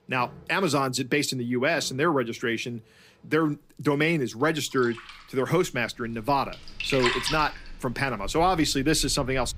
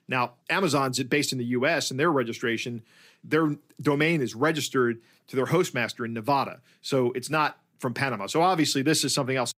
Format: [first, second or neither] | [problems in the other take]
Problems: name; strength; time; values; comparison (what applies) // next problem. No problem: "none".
second | household noises; loud; throughout; 8 dB below the speech